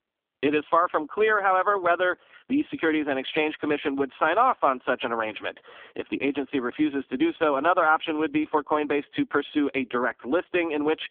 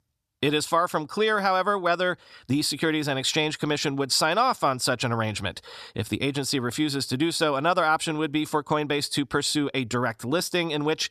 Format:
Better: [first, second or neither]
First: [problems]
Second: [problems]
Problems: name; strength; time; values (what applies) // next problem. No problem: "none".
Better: second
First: phone-call audio; poor line; nothing above 3.5 kHz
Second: none